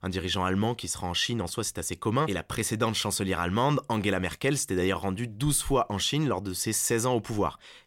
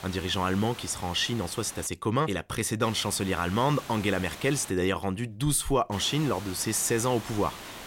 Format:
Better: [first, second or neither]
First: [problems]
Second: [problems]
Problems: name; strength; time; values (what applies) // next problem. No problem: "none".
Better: first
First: none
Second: hiss; noticeable; until 2 s, from 3 to 4.5 s and from 6 s on; 15 dB below the speech